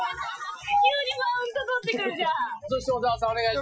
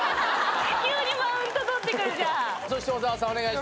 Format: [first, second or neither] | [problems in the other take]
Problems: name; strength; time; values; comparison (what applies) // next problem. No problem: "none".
second | noise reduction (classical method Wiener filter)